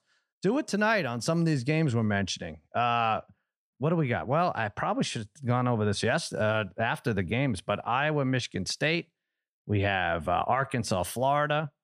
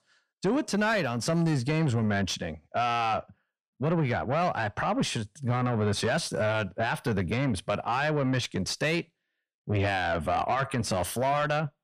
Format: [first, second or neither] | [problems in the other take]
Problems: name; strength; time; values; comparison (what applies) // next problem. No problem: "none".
first | distortion; slight; 10 dB below the speech